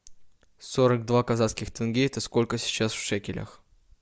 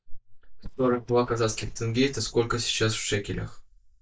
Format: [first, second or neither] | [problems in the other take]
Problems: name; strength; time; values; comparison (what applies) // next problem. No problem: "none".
first | noise reduction (neural mask model DeepFilterNet 3)